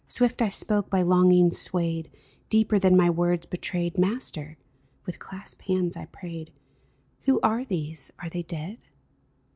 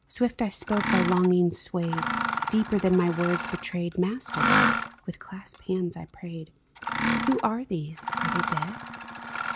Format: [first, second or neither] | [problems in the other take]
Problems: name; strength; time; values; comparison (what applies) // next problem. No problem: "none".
first | background sound (Mechanisms); 2 dB below the speech